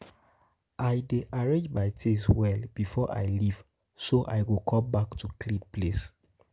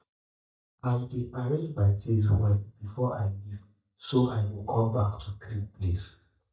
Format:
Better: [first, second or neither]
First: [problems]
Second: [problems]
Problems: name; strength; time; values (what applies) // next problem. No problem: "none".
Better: first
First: none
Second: noise reduction (neural mask model DeepFilterNet 3)